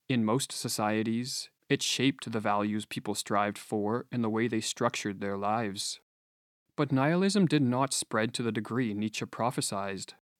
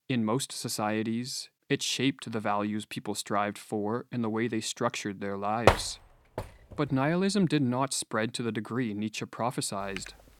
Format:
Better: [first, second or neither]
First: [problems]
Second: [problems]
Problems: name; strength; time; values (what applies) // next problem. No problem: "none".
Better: first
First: none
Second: door banging; loud; at 5.5 s; peak 5 dB above the speech // keyboard typing; faint; at 10 s; peak 15 dB below the speech